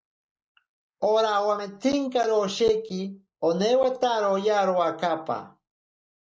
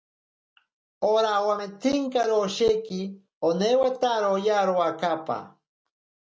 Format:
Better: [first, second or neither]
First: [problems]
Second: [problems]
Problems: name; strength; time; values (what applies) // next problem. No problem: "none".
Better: second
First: noise reduction (neural mask model Resemble Enhance denoiser)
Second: none